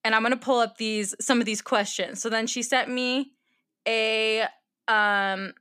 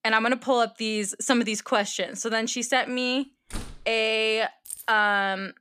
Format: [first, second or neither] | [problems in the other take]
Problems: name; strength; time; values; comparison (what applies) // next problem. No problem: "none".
first | door banging; faint; at 3.5 s; peak 15 dB below the speech // jangling keys; faint; at 4.5 s; peak 15 dB below the speech